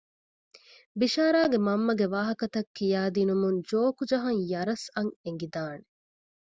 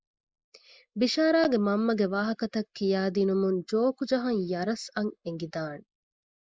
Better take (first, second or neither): first